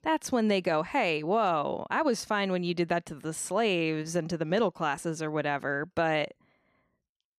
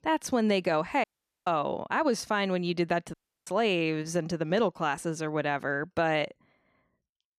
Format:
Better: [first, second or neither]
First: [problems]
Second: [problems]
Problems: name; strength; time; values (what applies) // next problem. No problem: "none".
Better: first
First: none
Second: audio cutting out; at 1 s and at 3 s